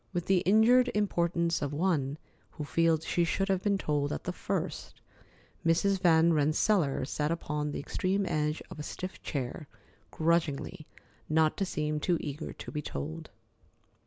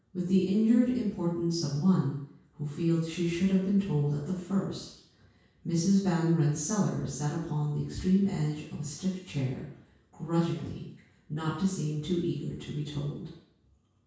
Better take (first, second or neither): first